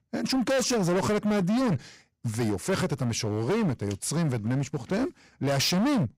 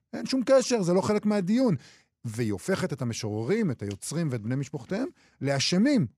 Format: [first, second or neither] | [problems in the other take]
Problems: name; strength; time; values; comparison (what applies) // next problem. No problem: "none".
second | distortion; heavy; 24% of the sound clipped